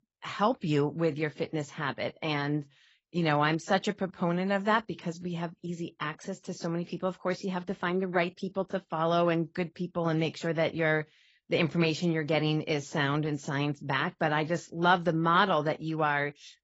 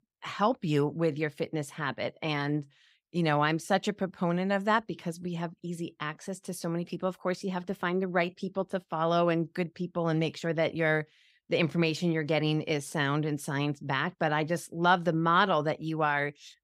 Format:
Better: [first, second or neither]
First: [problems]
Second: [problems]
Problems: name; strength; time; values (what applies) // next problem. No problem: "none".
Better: second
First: garbled, watery; badly; nothing above 7.5 kHz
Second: none